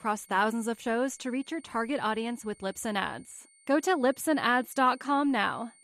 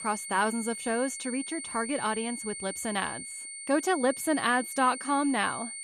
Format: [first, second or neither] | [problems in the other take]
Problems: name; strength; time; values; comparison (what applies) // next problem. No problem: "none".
first | high-pitched whine; loud; throughout; 9 kHz, 8 dB below the speech; faint in the first